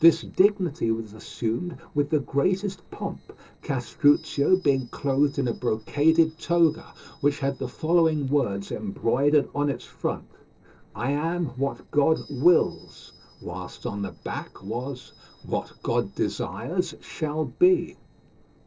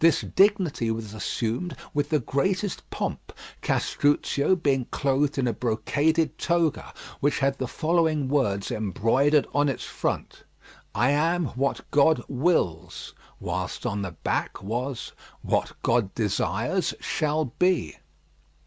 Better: second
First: noise reduction (neural separator model SepFormer DNS4)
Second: none

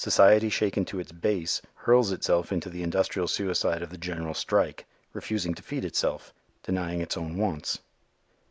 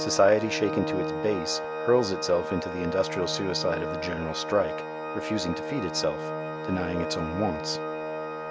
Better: first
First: none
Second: background sound (Organ); 4 dB below the speech

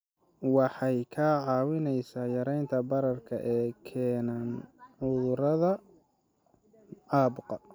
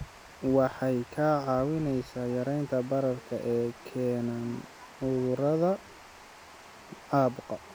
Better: first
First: none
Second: background sound (Water); 19 dB below the speech

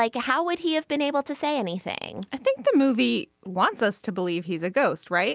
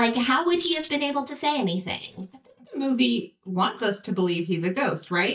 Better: first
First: none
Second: noise reduction (neural mask model DeepFilterNet 3)

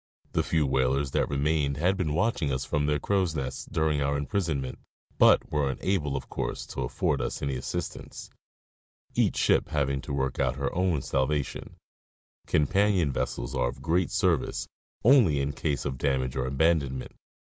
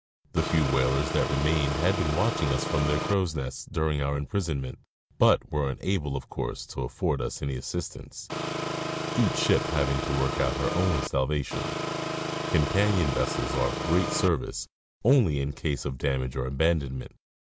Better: first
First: none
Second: background sound (Engine); 3 dB below the speech

